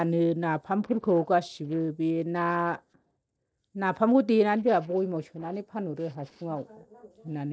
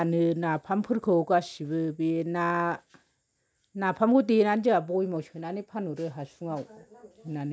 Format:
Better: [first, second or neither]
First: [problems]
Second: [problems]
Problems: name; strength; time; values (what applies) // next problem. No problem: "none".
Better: second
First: noise reduction (neural separator model SepFormer DNS4)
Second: none